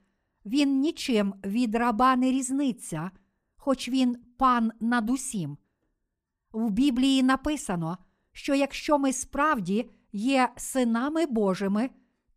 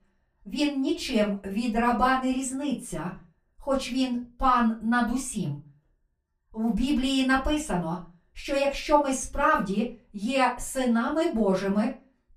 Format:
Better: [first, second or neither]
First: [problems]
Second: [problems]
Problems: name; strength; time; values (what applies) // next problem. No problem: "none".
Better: first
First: none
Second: off-mic speech; far // room echo; very slight; dies away in 0.2 s